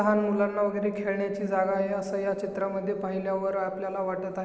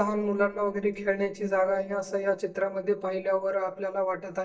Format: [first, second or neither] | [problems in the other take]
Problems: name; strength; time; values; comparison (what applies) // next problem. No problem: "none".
first | noise reduction (neural mask model DeepFilterNet 3)